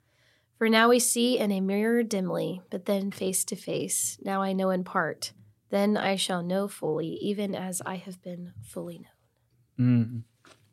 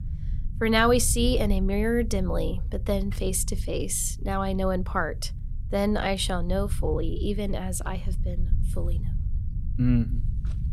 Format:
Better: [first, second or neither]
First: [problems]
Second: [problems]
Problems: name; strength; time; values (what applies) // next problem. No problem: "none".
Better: first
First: none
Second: low rumble; faint; throughout; 20 dB below the speech